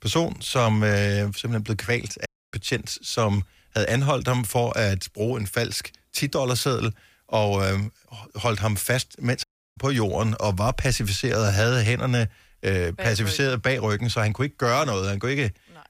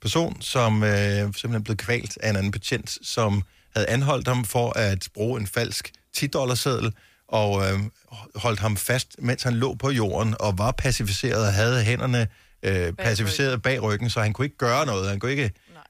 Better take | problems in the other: second | audio cutting out; at 2.5 s and at 9.5 s

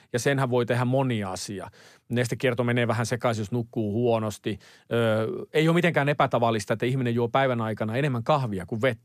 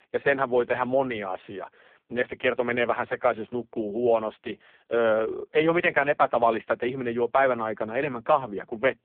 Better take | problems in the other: first | phone-call audio; poor line

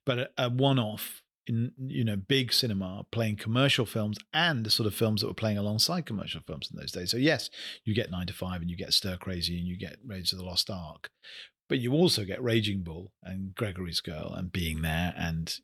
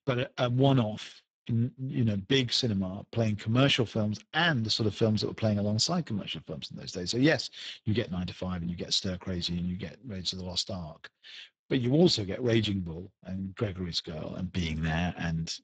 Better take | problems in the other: first | garbled, watery; badly; nothing above 7.5 kHz

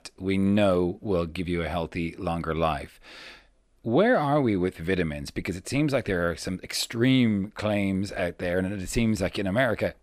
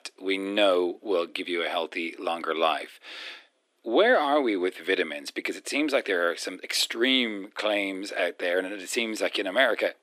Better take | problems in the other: first | thin; somewhat; fading below 300 Hz

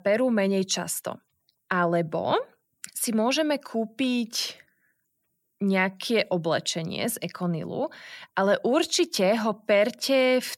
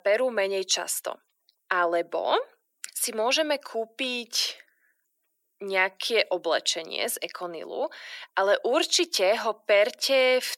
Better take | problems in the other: first | thin; very; fading below 350 Hz

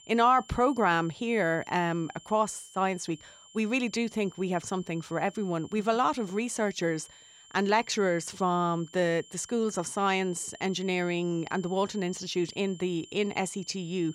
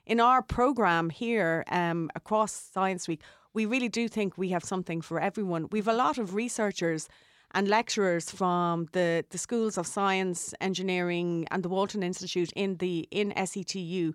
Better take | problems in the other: second | high-pitched whine; faint; throughout; 3 kHz, 20 dB below the speech

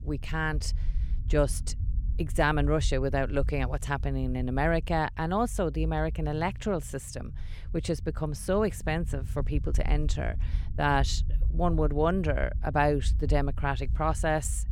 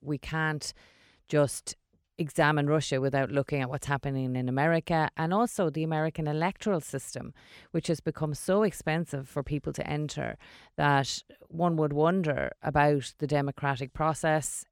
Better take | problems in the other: second | low rumble; faint; throughout; 25 dB below the speech

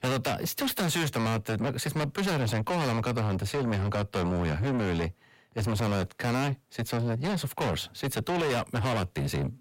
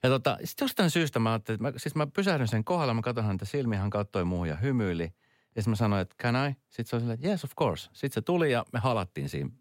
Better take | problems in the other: second | distortion; heavy; 6 dB below the speech

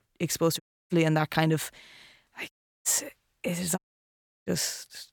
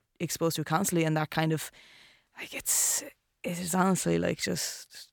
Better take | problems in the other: second | audio cutting out; at 0.5 s, at 2.5 s and at 4 s for 0.5 s

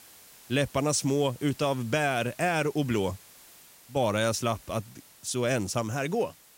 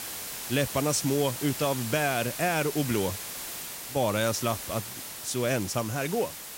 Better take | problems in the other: first | hiss; loud; throughout; 7 dB below the speech; faint in the first

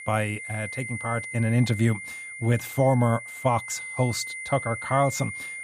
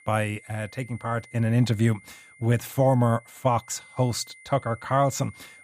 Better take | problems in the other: second | high-pitched whine; loud; throughout; 2 kHz, 8 dB below the speech; faint in the second

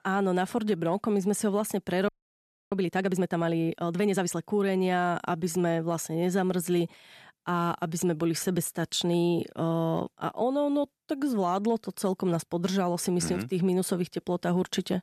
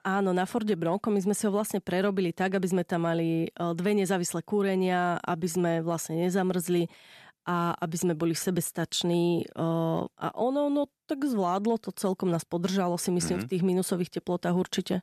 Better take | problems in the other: second | audio freezing; at 2 s for 0.5 s

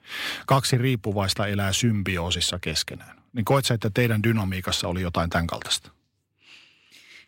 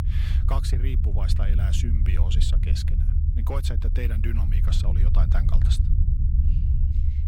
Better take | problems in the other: first | low rumble; loud; throughout; 4 dB below the speech

